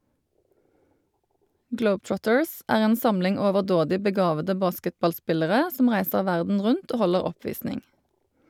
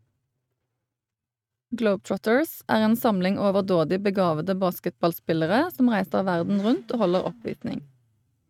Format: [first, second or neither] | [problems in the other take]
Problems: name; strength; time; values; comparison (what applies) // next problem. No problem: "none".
first | noise reduction (neural mask model RNNoise)